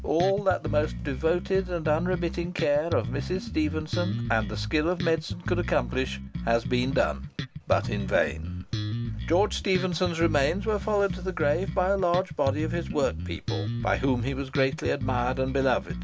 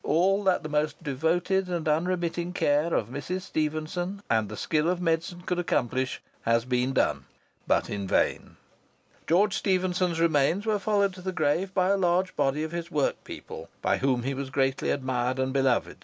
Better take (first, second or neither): second